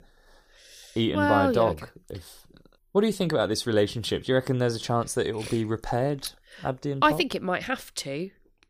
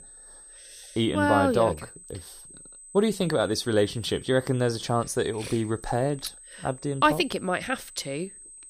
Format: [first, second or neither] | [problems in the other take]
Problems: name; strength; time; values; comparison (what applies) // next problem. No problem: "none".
first | high-pitched whine; noticeable; throughout; 8 kHz, 20 dB below the speech